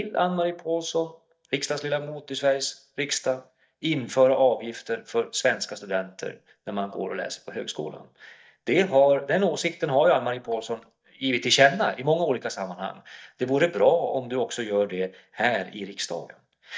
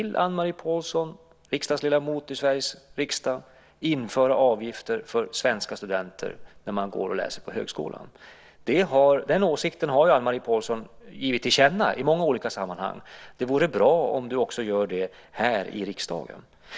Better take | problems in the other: second | noise reduction (neural mask model DeepFilterNet 3)

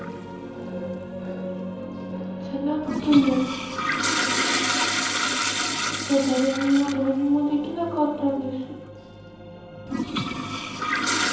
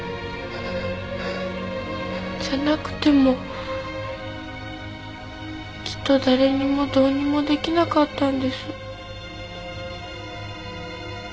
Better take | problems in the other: second | background sound (Toilet flush); 2 dB below the speech // room echo; dies away in 0.9 s

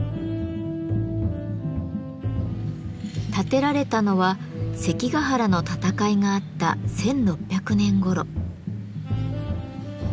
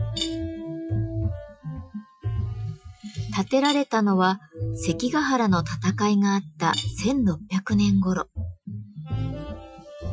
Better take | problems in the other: first | noise reduction (classical method Wiener filter)

